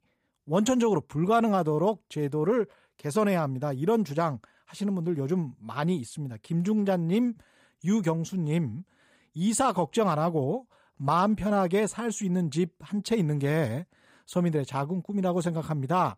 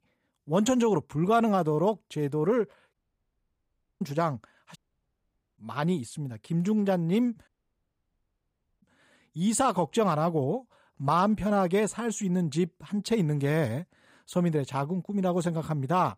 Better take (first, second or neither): first